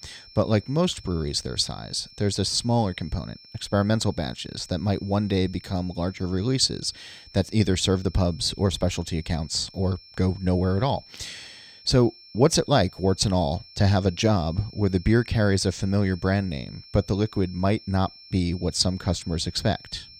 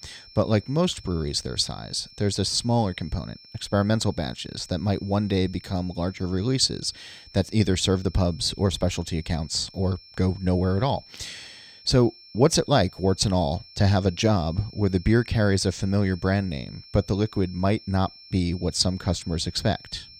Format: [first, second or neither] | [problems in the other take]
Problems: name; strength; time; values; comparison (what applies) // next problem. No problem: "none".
neither | high-pitched whine; faint; throughout; 5.5 kHz, 20 dB below the speech; the same in both